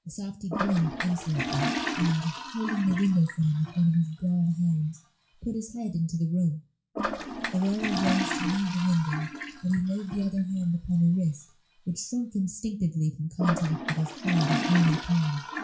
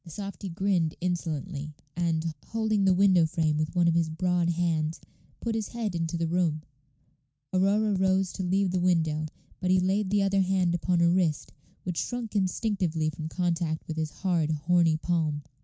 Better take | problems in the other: second | noise reduction (classical method WPE with log-MMSE)

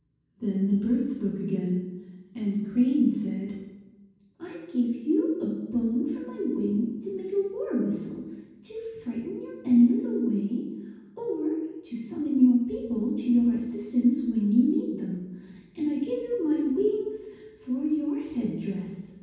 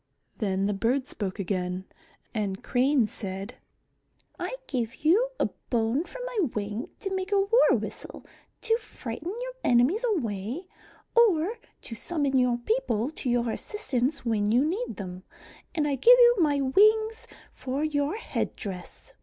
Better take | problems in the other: second | room echo; dies away in 1.2 s

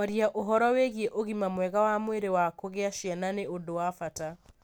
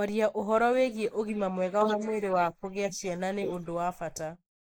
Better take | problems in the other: first | noise reduction (neural mask model Resemble Enhance denoiser)

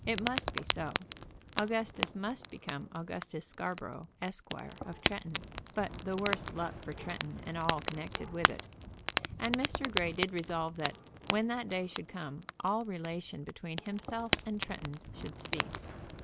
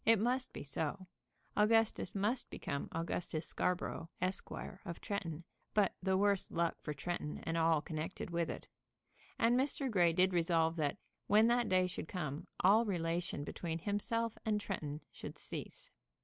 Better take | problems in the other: second | background sound (Fire); 1 dB below the speech

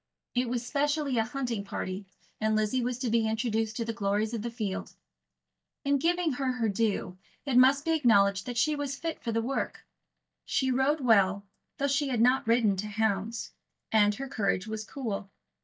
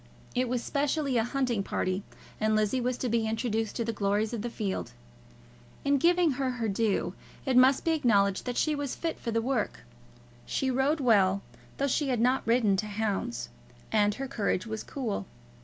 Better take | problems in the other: second | noise reduction (neural mask model DeepFilterNet 3)

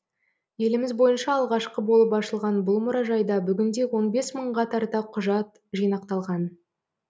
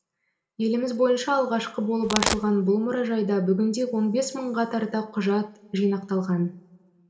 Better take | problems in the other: first | background sound (Domestic sounds, home sounds); 1 dB below the speech // room echo; dies away in 1.4 s

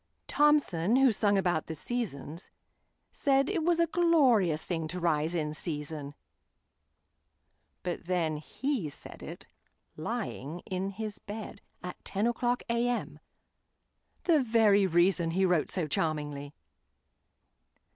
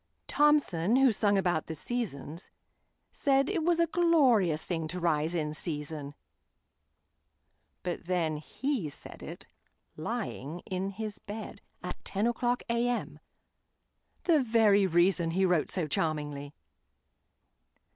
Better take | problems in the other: first | background sound (Crack); 10 dB below the speech

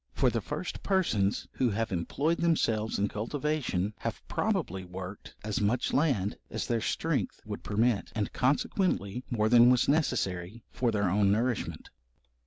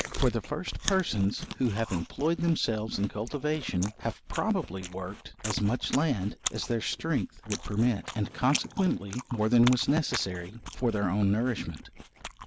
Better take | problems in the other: first | noise reduction (neural mask model Resemble Enhance denoiser)

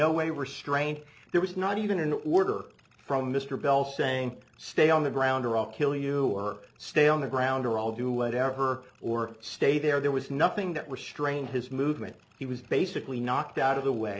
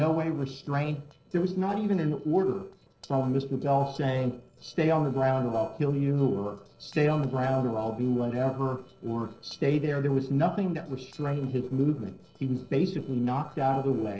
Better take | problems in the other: first | noise reduction (neural separator model SepFormer DNS4)

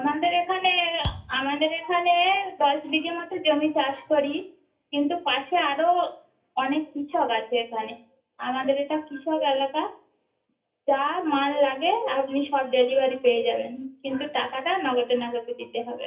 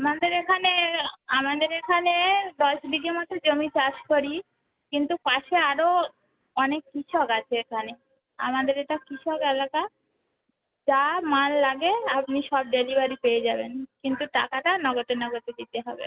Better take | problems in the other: second | background sound (Thump, thud); 11 dB below the speech // room echo; dies away in 0.3 s

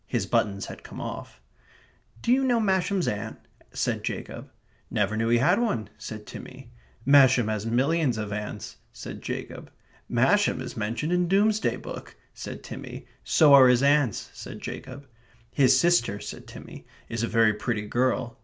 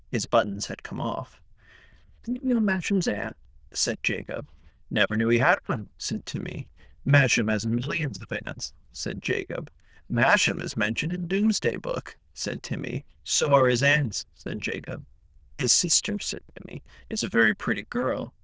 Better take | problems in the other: first | noise reduction (neural diffusion model UNIVERSE++)

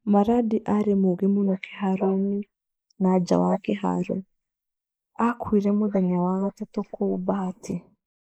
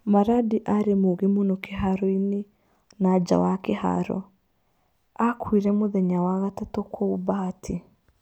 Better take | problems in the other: second | noise reduction (neural mask model Resemble Enhance denoiser)

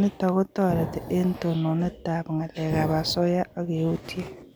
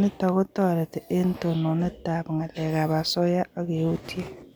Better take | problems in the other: second | background sound (Explosion); 11 dB below the speech

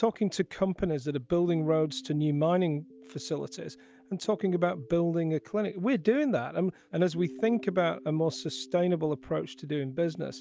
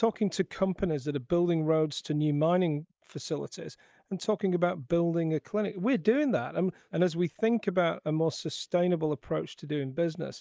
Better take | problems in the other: first | noise reduction (neural mask model Resemble Enhance denoiser)

